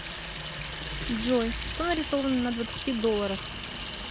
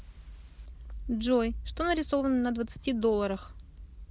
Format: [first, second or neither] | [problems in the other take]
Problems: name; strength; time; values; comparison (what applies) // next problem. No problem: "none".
second | background sound (Sink (filling or washing) / Water tap, faucet); 7 dB below the speech